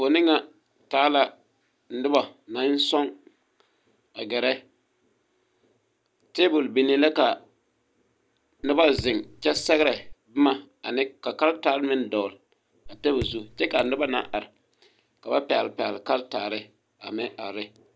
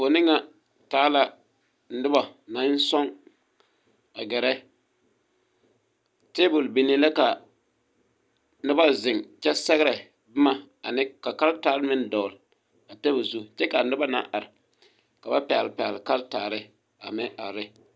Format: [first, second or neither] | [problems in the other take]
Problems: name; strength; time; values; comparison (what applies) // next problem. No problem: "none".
second | background sound (Raindrop / Drip); 15 dB below the speech